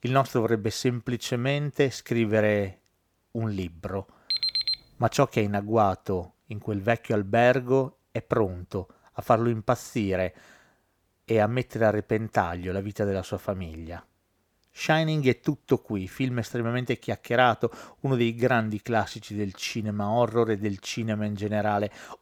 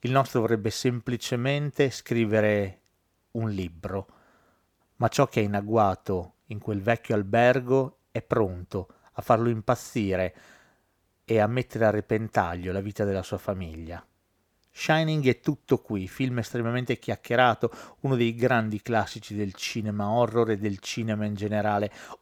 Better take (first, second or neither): second